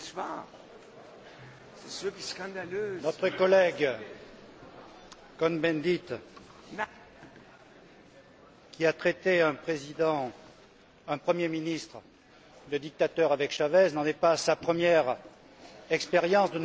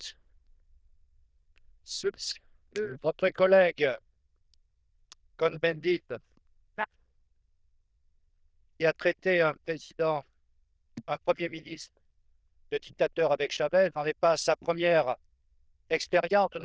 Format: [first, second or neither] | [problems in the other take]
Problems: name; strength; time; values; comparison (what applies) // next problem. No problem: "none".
first | noise reduction (neural diffusion model UNIVERSE++)